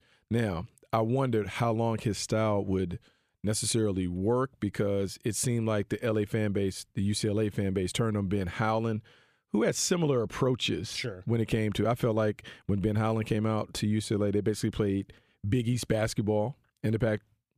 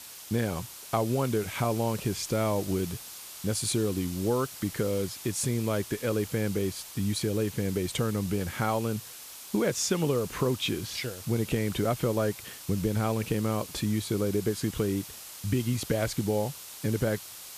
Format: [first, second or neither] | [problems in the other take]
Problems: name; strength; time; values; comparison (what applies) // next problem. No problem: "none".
first | hiss; noticeable; throughout; 10 dB below the speech